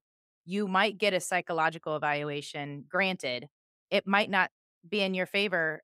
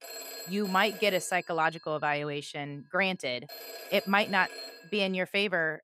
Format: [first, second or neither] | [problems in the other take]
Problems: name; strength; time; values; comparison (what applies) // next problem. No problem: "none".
first | phone ringing; faint; until 5 s; peak 10 dB below the speech